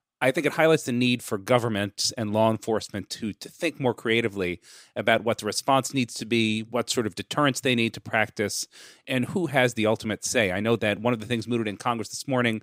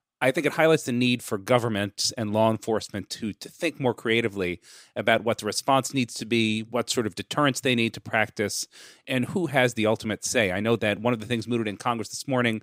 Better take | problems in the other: neither | none

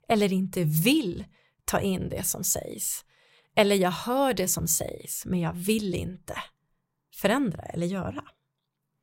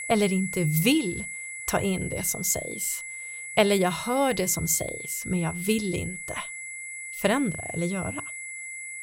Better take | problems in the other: first | high-pitched whine; loud; throughout; 2 kHz, 8 dB below the speech

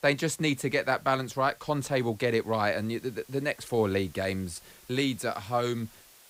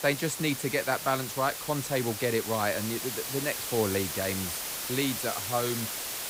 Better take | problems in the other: first | hiss; loud; throughout; 3 dB below the speech; faint in the first

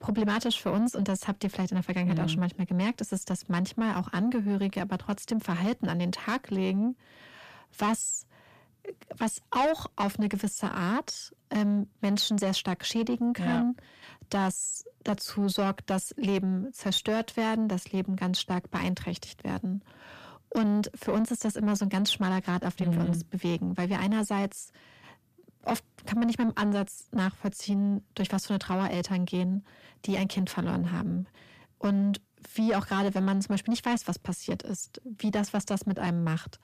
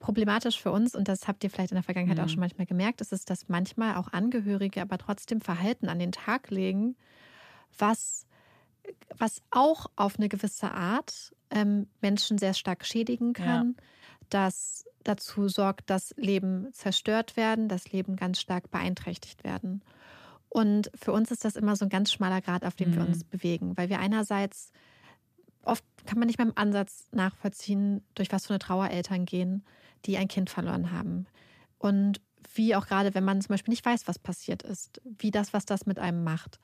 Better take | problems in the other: second | distortion; slight; 10 dB below the speech

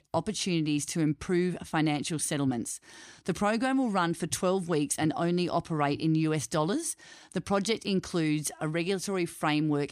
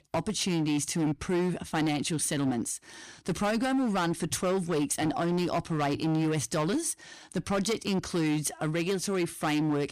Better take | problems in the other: first | distortion; slight; 15% of the sound clipped

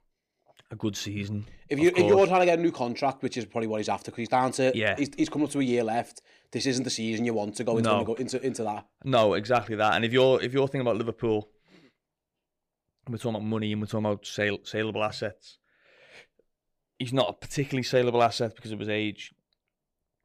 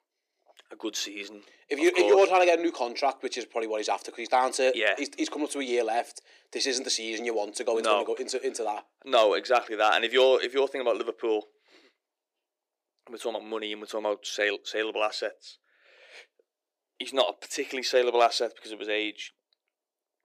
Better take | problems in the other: first | thin; somewhat; fading below 350 Hz

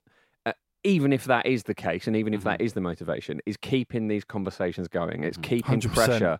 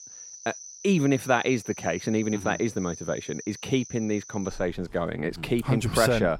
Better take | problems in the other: first | animal sounds; noticeable; throughout; 15 dB below the speech

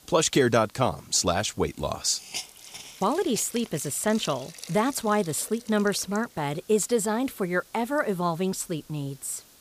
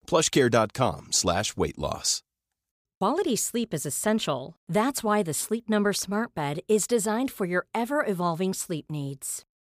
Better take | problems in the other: second | hiss; noticeable; throughout; 15 dB below the speech

